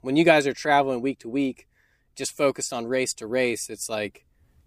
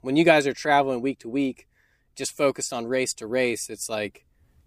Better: neither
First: none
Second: none

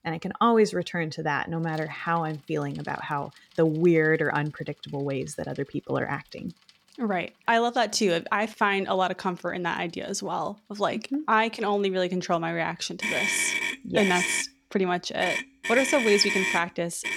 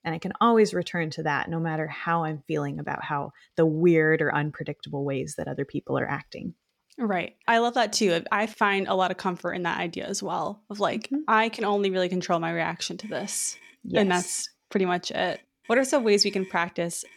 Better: second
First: traffic noise; loud; throughout; 1 dB below the speech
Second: traffic noise; faint; throughout; 25 dB below the speech

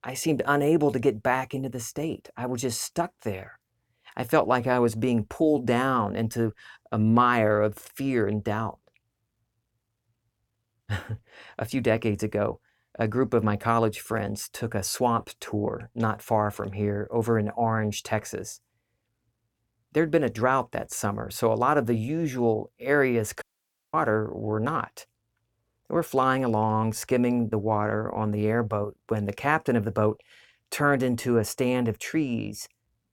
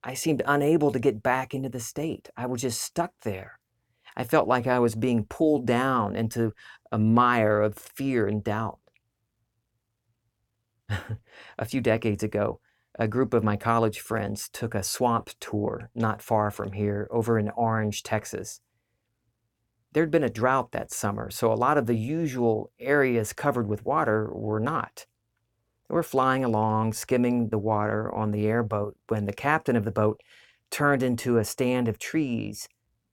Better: second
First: audio cutting out; at 23 s for 0.5 s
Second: none

